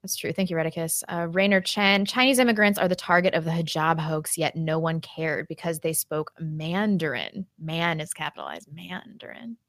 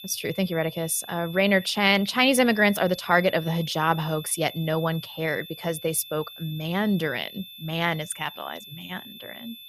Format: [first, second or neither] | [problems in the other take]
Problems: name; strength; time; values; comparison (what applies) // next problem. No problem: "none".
first | high-pitched whine; noticeable; throughout; 3.5 kHz, 15 dB below the speech